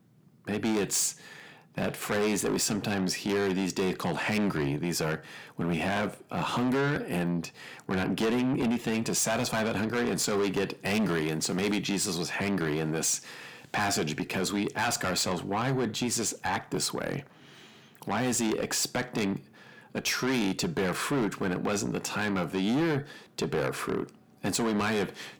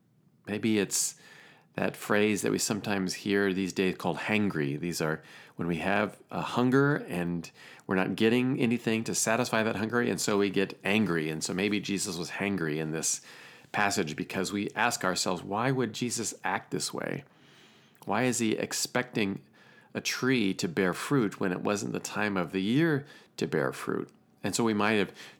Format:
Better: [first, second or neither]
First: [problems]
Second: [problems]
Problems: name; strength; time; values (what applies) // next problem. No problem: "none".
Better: second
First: distortion; heavy; 6 dB below the speech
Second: none